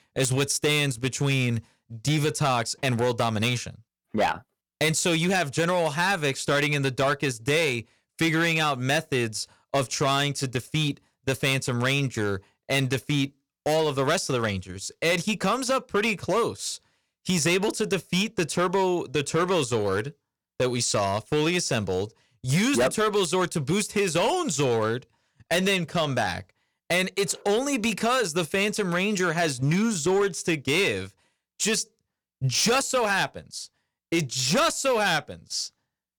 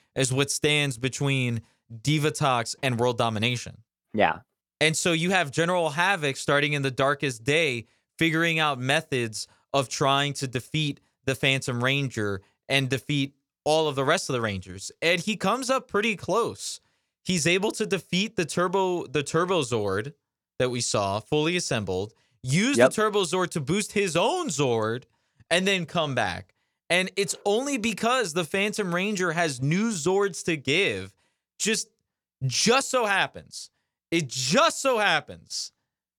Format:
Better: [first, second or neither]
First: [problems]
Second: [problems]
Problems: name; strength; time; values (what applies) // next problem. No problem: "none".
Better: second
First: distortion; slight; 8% of the sound clipped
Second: none